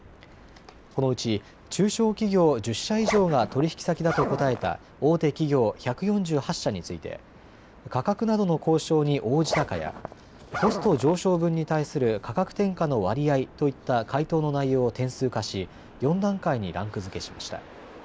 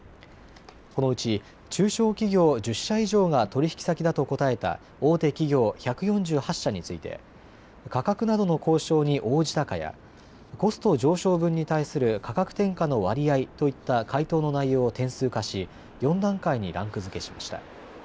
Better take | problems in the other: second | background sound (Zipper (clothing)); 7 dB below the speech

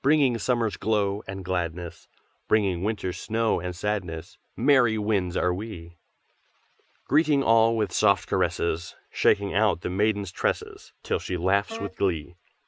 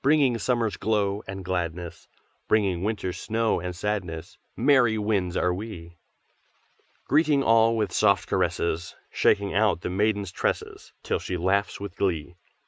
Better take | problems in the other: second | background sound (Wind instrument, woodwind instrument); 15 dB below the speech

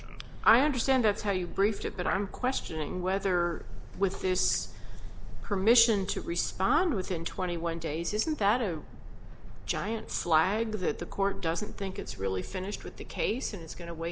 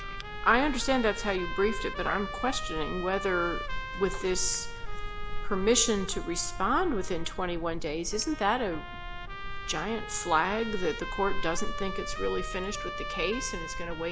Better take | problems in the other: first | background sound (Trumpet); 11 dB below the speech

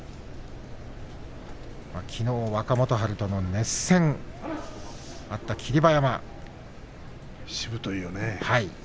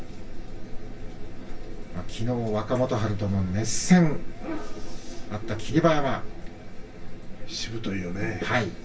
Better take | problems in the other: first | room echo; dies away in 0.2 s

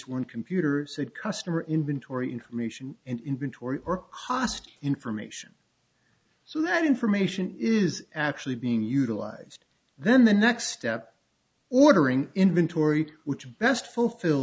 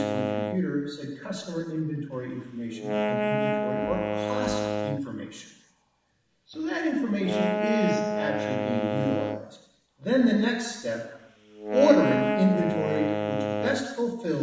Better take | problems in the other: first | background sound (Wind instrument, woodwind instrument); 2 dB below the speech // room echo; dies away in 0.9 s

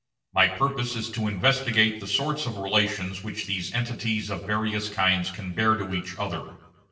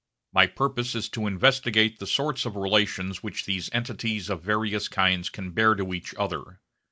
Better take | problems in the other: second | room echo; dies away in 0.8 s

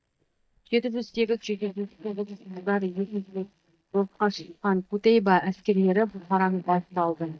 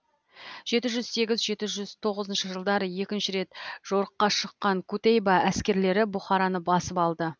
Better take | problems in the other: second | noise reduction (neural mask model DeepFilterNet 3)

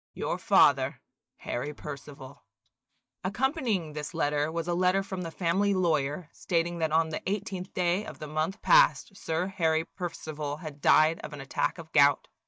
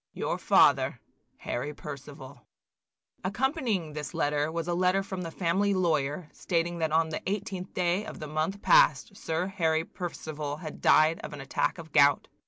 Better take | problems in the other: second | noise reduction (neural mask model DeepFilterNet 3)

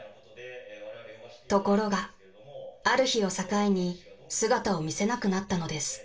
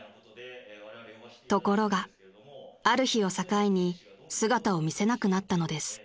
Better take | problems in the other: second | room echo; dies away in 0.2 s

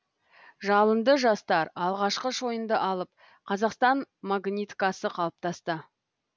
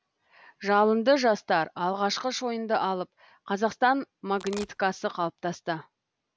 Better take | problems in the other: first | background sound (Domestic sounds, home sounds); 15 dB below the speech

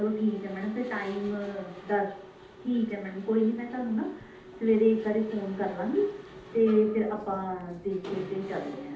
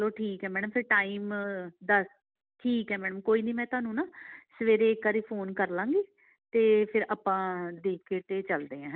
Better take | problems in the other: second | background sound (Mechanisms); 16 dB below the speech // room echo; dies away in 0.6 s

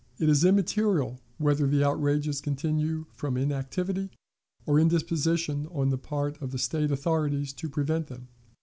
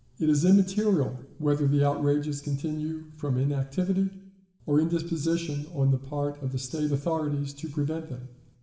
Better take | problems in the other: first | room echo; dies away in 0.8 s

